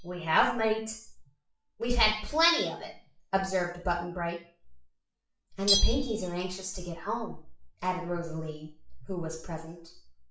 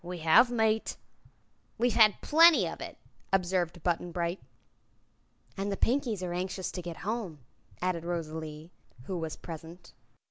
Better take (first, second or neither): second